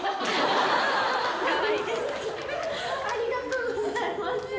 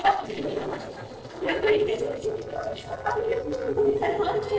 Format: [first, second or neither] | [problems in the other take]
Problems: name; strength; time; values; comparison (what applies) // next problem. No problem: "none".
first | noise reduction (neural separator model SepFormer DNS4)